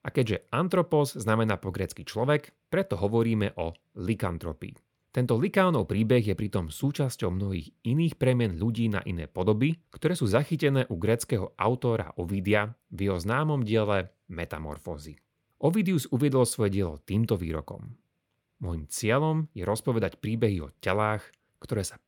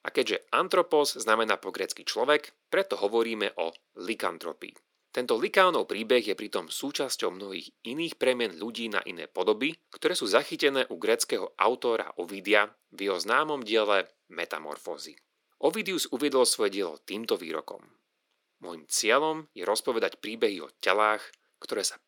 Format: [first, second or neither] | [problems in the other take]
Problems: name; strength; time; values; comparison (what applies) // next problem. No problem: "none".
first | thin; very; fading below 300 Hz